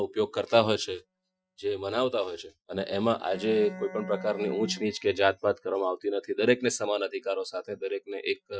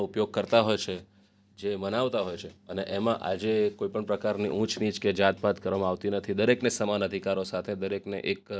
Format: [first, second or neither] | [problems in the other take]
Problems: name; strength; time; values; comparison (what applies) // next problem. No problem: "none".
second | noise reduction (classical method Wiener filter)